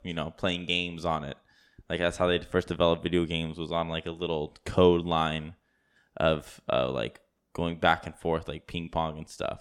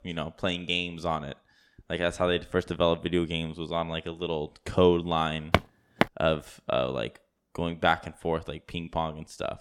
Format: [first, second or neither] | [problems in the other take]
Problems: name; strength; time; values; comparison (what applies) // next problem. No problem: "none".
first | footsteps; loud; at 5.5 s; peak 1 dB above the speech